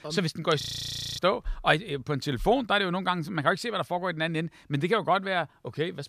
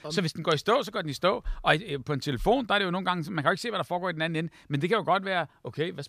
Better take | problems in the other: second | audio freezing; at 0.5 s for 0.5 s

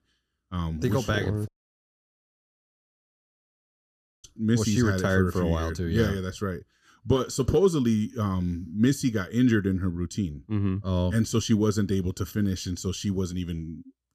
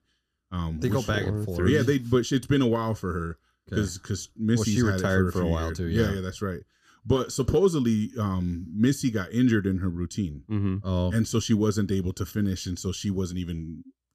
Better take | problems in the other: second | audio cutting out; at 1.5 s for 3 s

